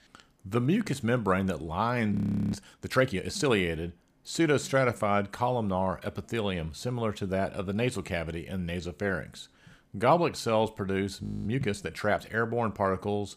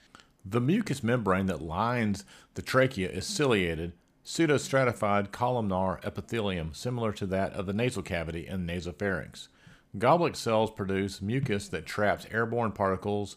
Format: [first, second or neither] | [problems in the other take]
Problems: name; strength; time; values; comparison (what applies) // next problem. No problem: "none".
second | audio freezing; at 2 s and at 11 s